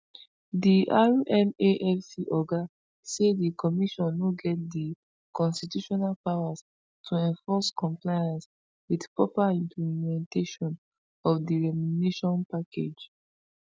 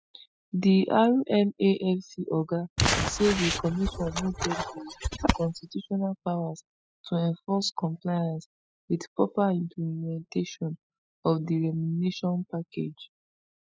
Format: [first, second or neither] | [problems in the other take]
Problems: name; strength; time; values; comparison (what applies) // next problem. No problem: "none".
first | noise reduction (classical method spectral subtraction)